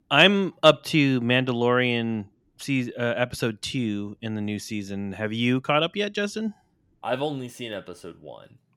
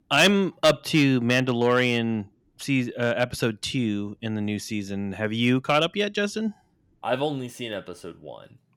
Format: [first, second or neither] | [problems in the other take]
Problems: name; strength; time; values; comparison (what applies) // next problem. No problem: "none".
first | distortion; slight; 1.2% of the sound clipped